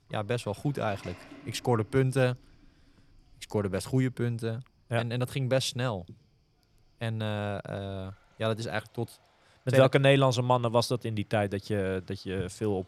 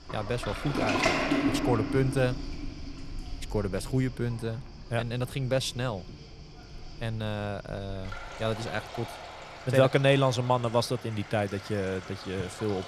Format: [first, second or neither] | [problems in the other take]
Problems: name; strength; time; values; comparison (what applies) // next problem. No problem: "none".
first | rain or running water; loud; throughout; 5 dB below the speech; faint in the first